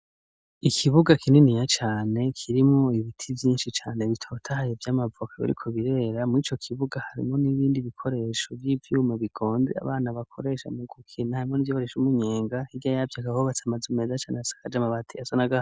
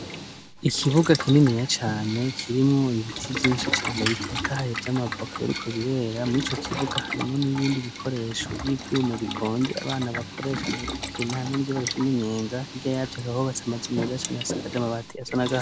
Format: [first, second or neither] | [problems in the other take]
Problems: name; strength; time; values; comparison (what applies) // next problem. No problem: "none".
first | background sound (Boiling); 7 dB below the speech